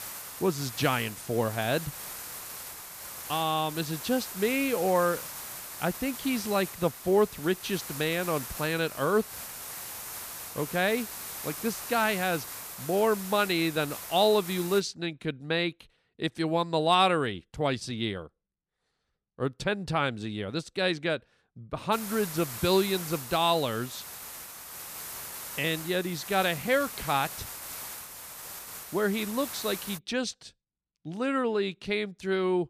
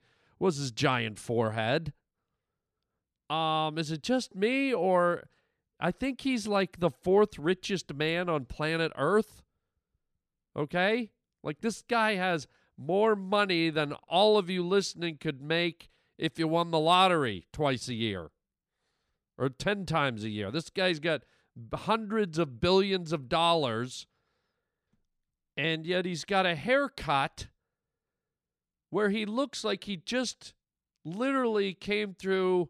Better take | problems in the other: second | hiss; loud; until 15 s and from 22 to 30 s; 9 dB below the speech

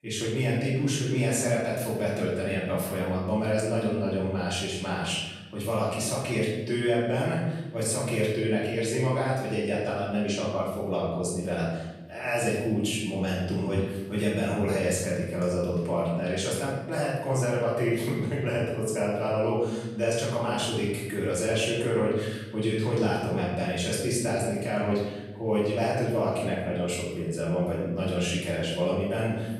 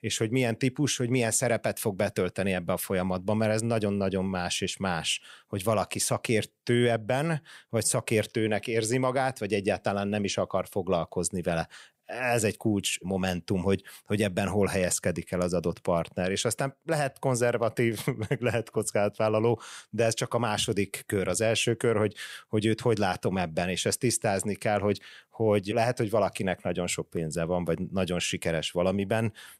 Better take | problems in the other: second | room echo; noticeable; dies away in 1.1 s // off-mic speech; far

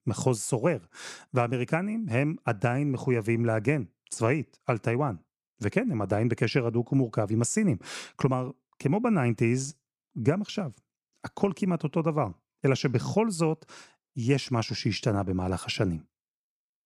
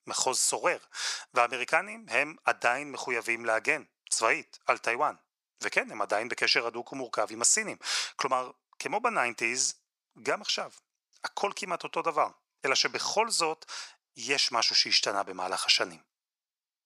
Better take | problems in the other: first | thin; very; fading below 900 Hz

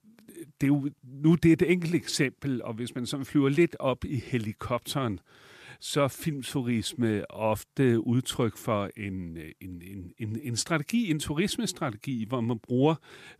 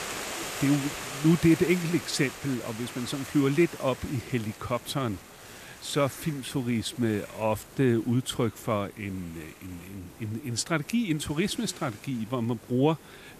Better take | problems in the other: first | hiss; noticeable; throughout; 15 dB below the speech

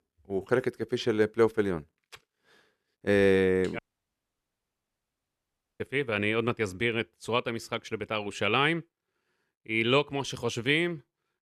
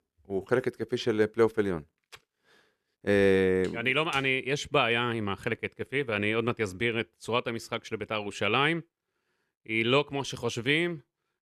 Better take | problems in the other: second | audio cutting out; at 4 s for 2 s

